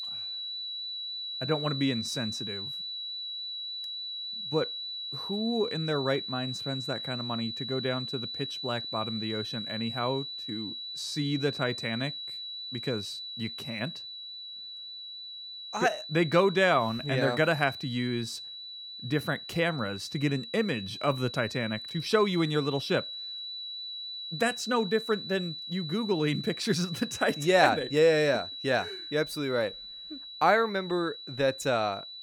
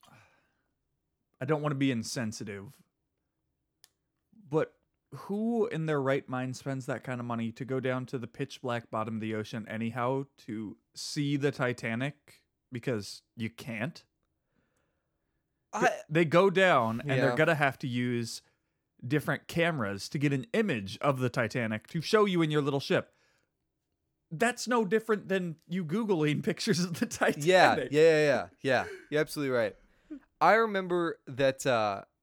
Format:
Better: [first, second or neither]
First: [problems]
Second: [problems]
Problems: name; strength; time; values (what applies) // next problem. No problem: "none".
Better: second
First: high-pitched whine; loud; throughout; 4 kHz, 7 dB below the speech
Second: none